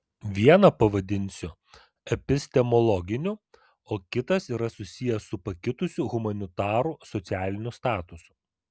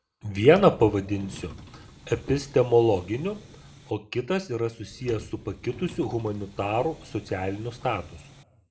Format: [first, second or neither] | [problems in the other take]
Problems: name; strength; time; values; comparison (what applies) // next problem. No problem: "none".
first | background sound (Subway, metro, underground); 19 dB below the speech // room echo; dies away in 0.8 s